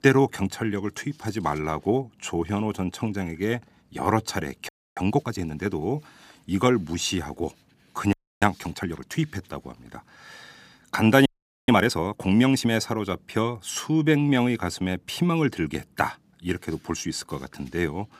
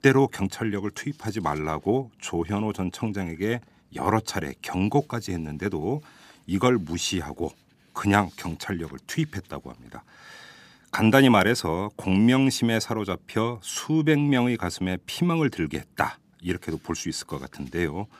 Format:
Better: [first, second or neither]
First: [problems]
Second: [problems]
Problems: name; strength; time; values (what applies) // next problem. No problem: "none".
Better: second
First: audio freezing; at 4.5 s, at 8 s and at 11 s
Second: none